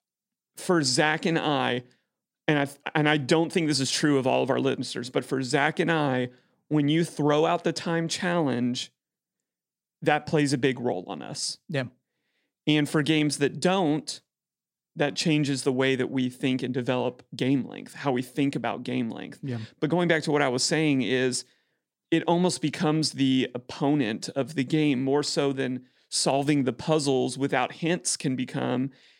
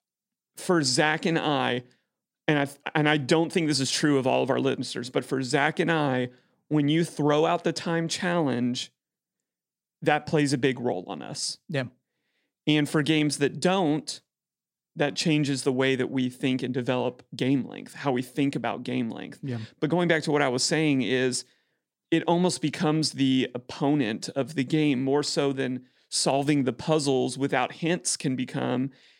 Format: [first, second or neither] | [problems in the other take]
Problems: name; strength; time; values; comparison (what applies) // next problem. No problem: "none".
neither | none